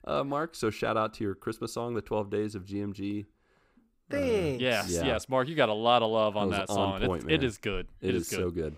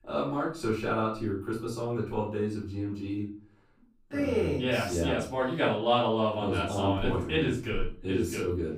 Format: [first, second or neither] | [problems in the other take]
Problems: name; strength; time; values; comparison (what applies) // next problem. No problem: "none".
first | off-mic speech; far // room echo; slight; dies away in 0.4 s